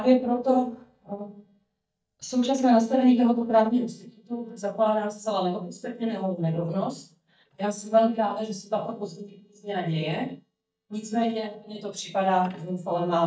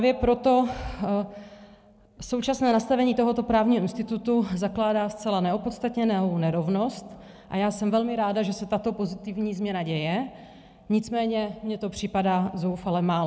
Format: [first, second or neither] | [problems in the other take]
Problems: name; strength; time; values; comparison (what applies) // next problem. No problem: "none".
second | noise reduction (neural mask model DeepFilterNet 3)